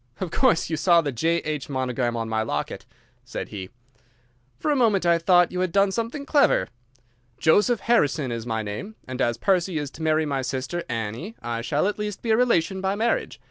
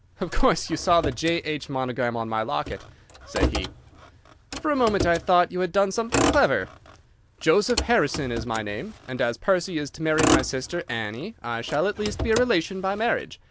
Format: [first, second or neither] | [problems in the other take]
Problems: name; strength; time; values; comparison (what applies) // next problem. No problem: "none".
first | background sound (Motor vehicle (road)); 6 dB below the speech